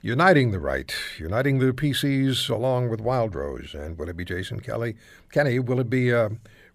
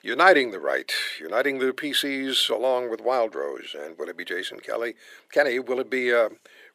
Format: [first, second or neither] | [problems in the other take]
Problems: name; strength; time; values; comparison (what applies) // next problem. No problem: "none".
first | thin; somewhat; fading below 350 Hz